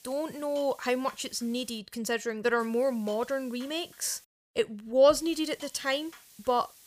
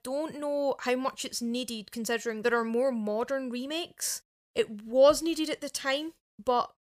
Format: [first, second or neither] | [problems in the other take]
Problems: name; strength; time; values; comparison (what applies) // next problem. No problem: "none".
second | hiss; faint; until 2 s, from 2.5 to 4 s and from 5 s on; 20 dB below the speech